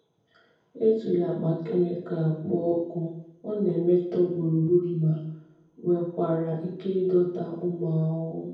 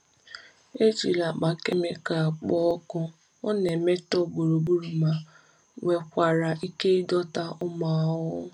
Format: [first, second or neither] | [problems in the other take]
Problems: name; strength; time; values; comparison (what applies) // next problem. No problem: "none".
second | room echo; dies away in 0.9 s